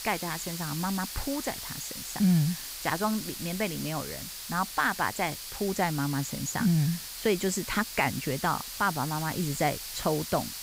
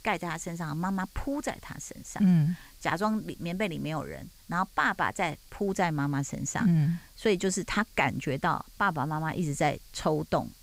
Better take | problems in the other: second | hiss; loud; throughout; 7 dB below the speech; faint in the second

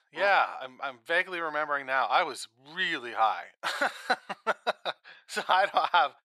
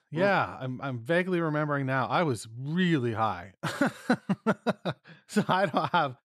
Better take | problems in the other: second | thin; very; fading below 700 Hz

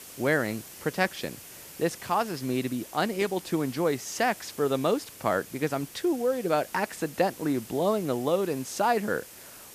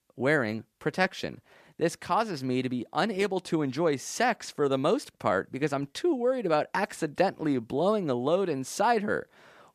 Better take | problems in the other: second | hiss; noticeable; throughout; 15 dB below the speech

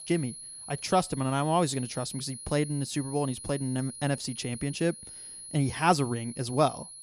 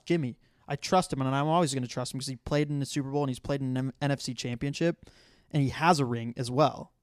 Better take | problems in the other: second | high-pitched whine; noticeable; throughout; 10.5 kHz, 10 dB below the speech

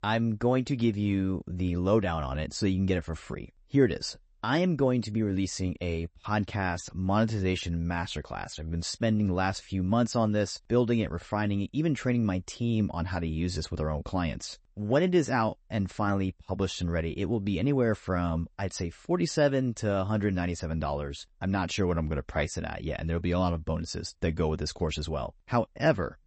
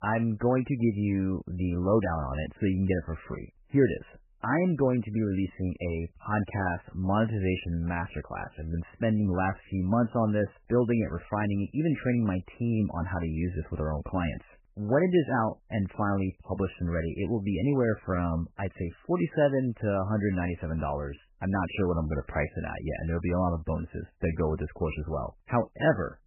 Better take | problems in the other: first | garbled, watery; badly; nothing above 3 kHz; slightly in the first

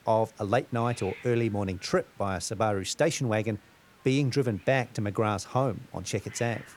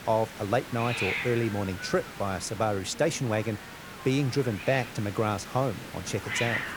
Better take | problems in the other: first | hiss; loud; throughout; 7 dB below the speech; faint in the first

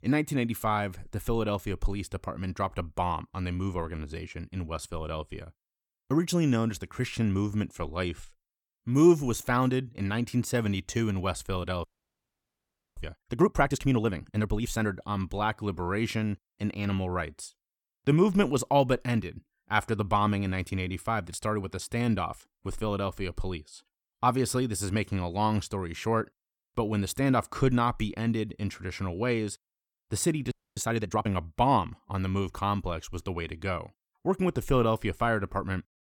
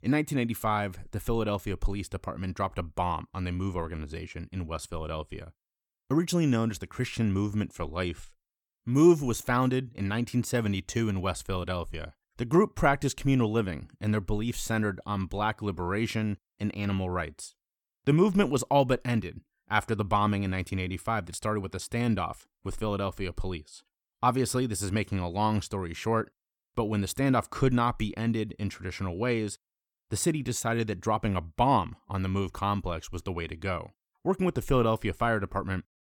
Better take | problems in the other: second | audio freezing; at 12 s for 1 s and at 31 s

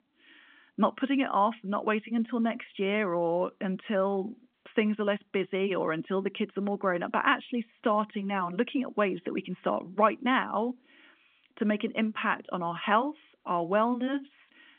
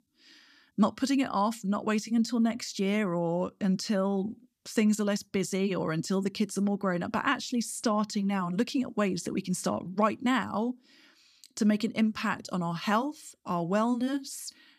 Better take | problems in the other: second | phone-call audio

